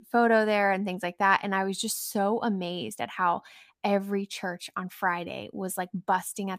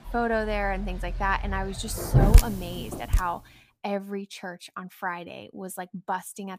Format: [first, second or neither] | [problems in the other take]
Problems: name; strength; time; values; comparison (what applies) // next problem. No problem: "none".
first | rain or running water; very loud; until 3 s; 5 dB above the speech